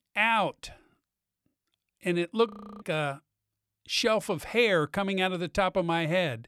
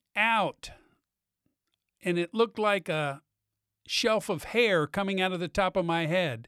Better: second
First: audio freezing; at 2.5 s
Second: none

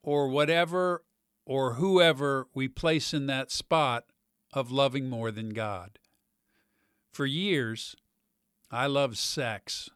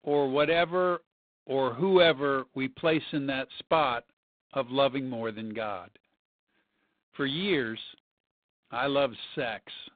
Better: first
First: none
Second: phone-call audio; poor line; nothing above 3.5 kHz

